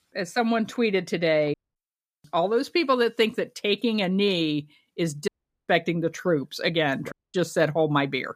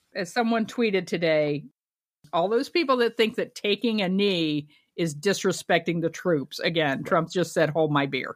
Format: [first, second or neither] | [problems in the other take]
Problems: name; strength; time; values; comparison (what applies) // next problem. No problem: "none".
second | audio cutting out; at 1.5 s, at 5.5 s and at 7 s